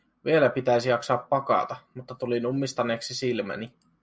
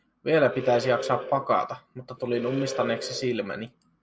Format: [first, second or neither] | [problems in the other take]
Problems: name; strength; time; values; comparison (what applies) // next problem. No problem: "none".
first | background sound (Animal); 9 dB below the speech